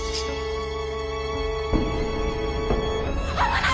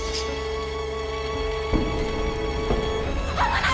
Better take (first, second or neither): first